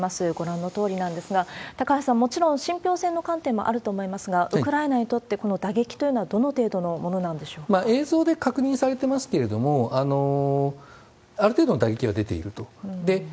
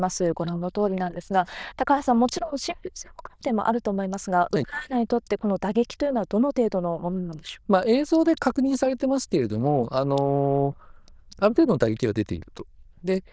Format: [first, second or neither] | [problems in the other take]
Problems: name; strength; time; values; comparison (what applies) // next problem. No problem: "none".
first | noise reduction (neural diffusion model UNIVERSE++)